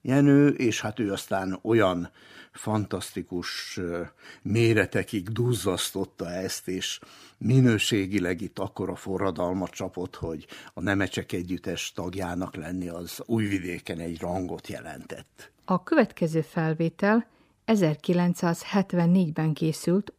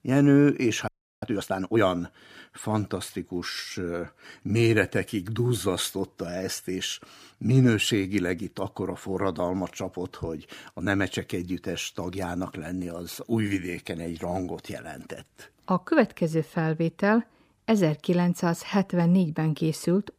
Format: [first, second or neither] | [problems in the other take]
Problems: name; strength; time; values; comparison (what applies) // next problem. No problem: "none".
first | audio freezing; at 1 s